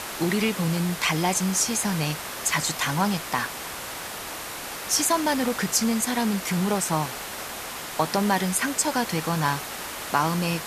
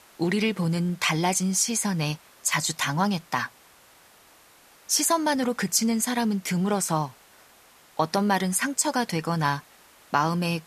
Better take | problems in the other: second | hiss; loud; throughout; 8 dB below the speech; faint in the second

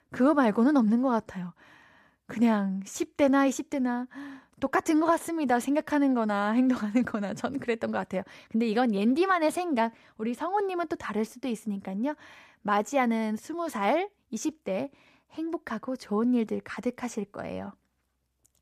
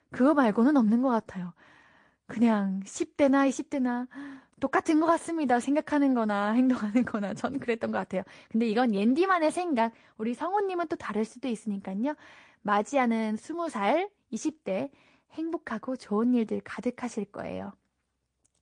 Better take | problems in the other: first | garbled, watery; slightly

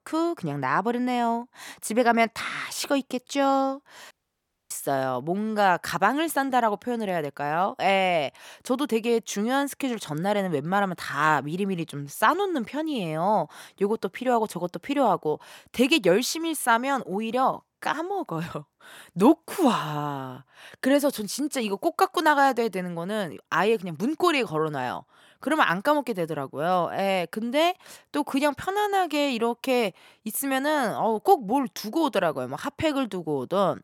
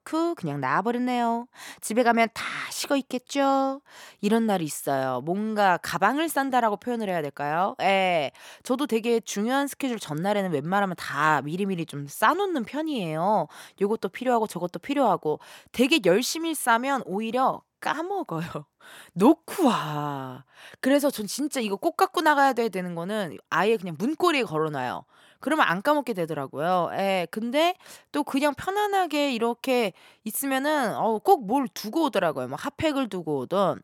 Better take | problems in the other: second | audio cutting out; at 4 s for 0.5 s

